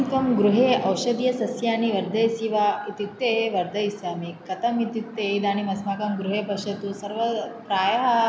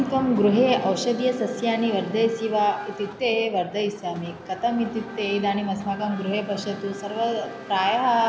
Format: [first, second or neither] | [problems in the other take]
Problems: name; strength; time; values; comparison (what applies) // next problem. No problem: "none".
first | background sound (Race car, auto racing / Accelerating, revving, vroom); 18 dB below the speech